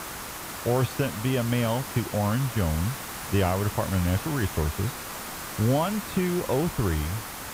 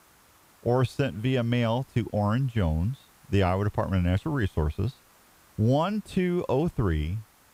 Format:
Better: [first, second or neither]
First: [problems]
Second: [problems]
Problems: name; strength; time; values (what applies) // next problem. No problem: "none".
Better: second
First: hiss; loud; throughout; 7 dB below the speech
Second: hiss; faint; throughout; 30 dB below the speech